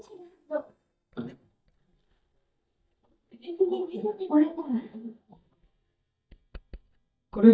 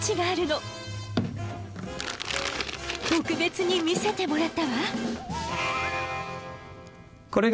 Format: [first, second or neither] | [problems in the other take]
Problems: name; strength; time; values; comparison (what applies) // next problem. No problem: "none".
second | noise reduction (neural mask model DeepFilterNet 3)